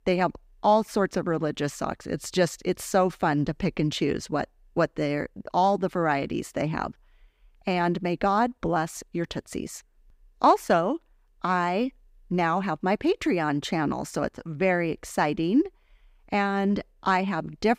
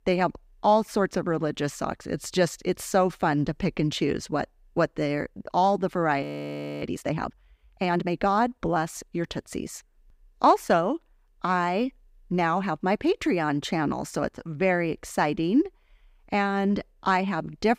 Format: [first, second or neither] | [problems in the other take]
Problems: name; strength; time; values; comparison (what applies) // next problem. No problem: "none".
first | audio freezing; at 6 s for 0.5 s